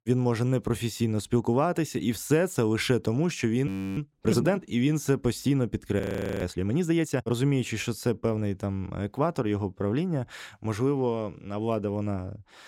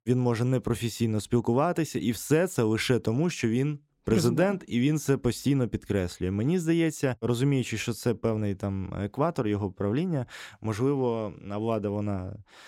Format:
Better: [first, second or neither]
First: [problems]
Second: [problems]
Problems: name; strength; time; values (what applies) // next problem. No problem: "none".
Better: second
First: audio freezing; at 3.5 s and at 6 s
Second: none